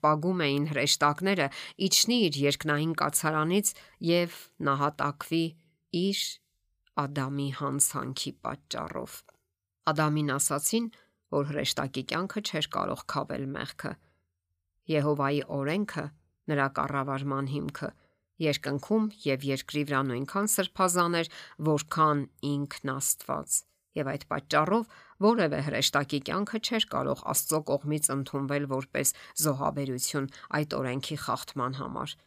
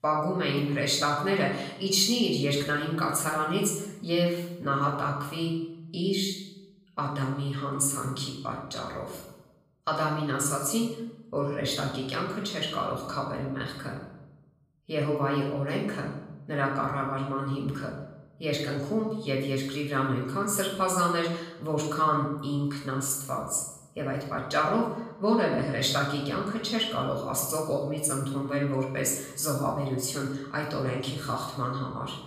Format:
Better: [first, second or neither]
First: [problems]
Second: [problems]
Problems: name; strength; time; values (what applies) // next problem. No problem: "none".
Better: first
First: none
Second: off-mic speech; far // room echo; noticeable; dies away in 0.8 s